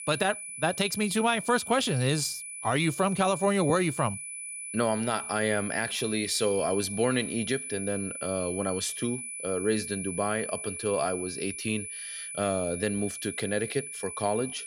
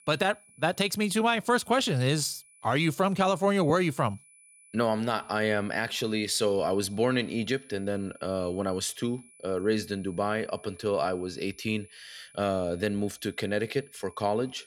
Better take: second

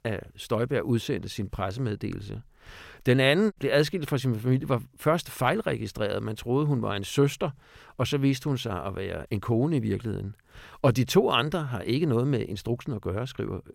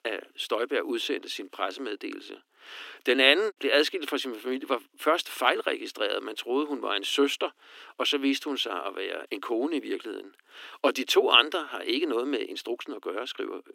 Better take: first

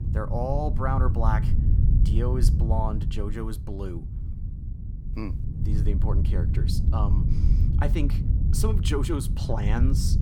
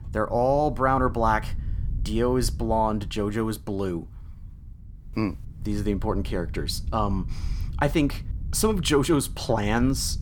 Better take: second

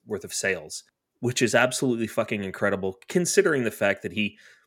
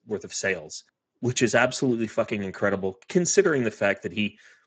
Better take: first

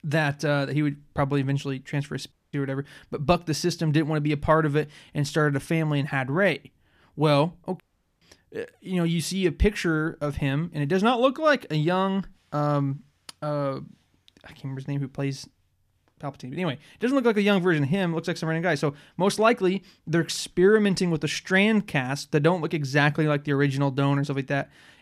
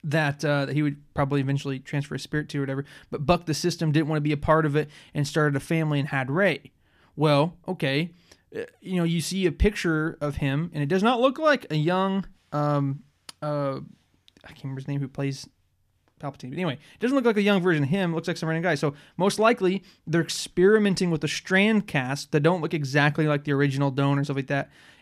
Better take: second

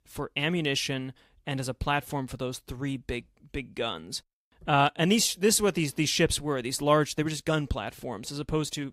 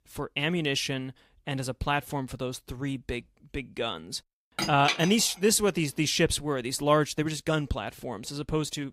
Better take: first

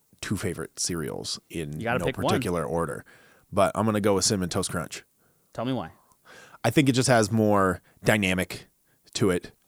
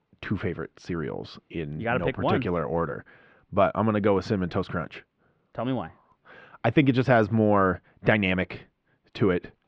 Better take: first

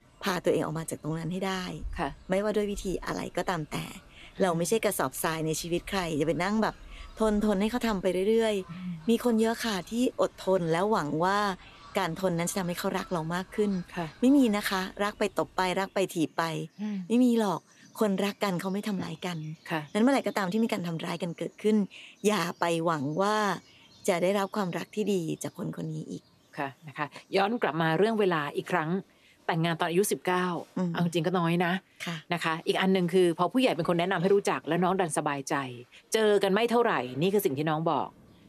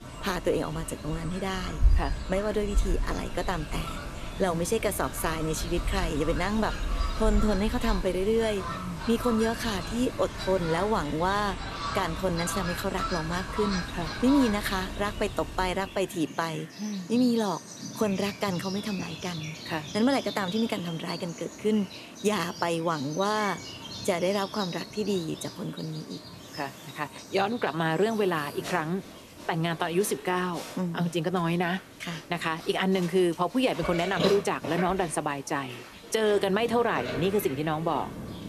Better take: first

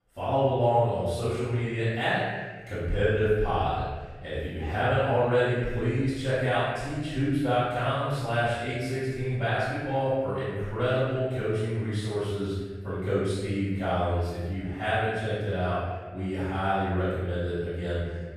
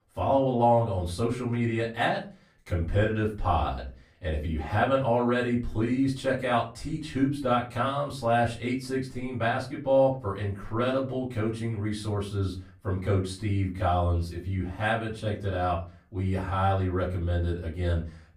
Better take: second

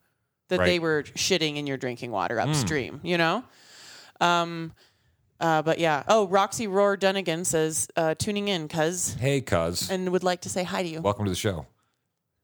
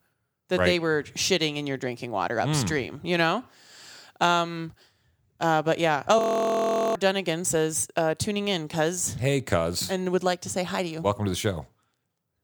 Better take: first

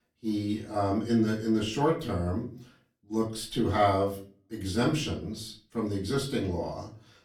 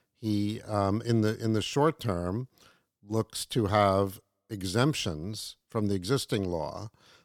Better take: second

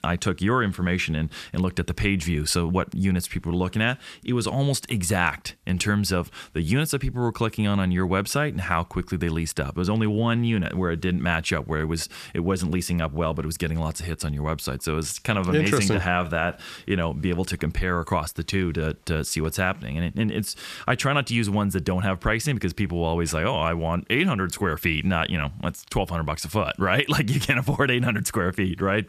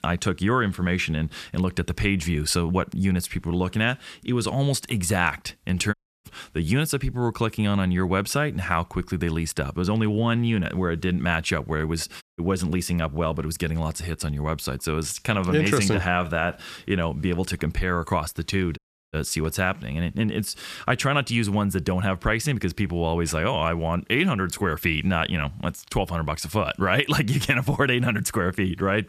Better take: first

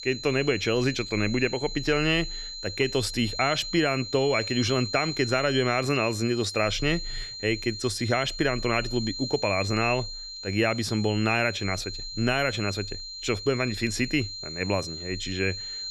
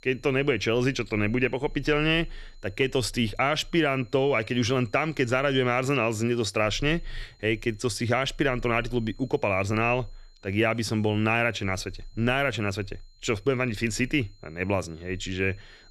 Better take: second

